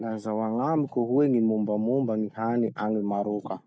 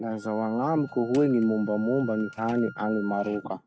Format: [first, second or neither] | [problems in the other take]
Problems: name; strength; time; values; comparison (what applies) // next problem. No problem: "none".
first | noise reduction (neural mask model RNNoise)